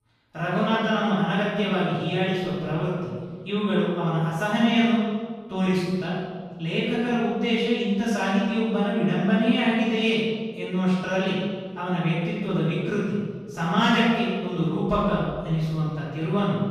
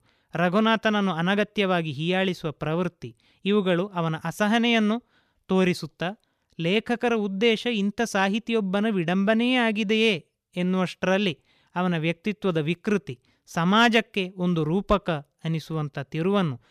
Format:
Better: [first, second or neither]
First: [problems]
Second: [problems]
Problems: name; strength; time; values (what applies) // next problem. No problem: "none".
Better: second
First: room echo; strong; dies away in 1.6 s // off-mic speech; far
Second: none